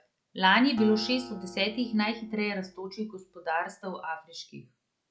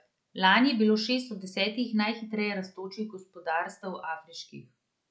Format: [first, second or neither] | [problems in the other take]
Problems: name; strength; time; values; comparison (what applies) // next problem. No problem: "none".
second | background sound (Acoustic guitar); 16 dB below the speech